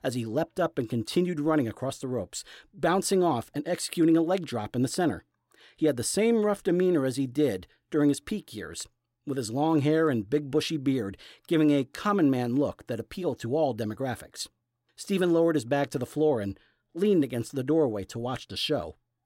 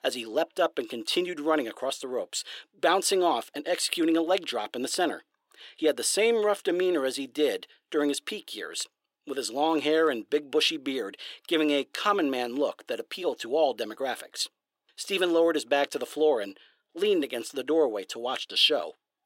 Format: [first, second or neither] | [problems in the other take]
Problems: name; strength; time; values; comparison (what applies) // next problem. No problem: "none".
first | thin; somewhat; fading below 400 Hz